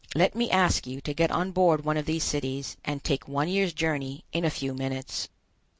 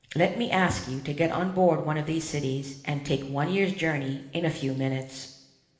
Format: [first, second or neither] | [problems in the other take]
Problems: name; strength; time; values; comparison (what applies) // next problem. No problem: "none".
first | room echo; dies away in 1.1 s